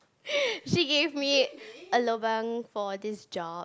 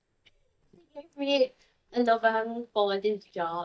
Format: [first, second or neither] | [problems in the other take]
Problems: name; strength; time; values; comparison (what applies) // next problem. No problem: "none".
first | noise reduction (neural mask model DeepFilterNet 3)